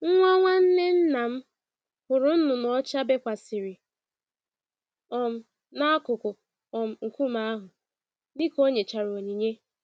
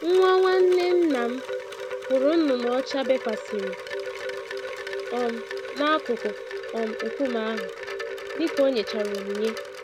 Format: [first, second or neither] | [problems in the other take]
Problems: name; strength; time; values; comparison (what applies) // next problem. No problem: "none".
first | background sound (Wind chime); 8 dB below the speech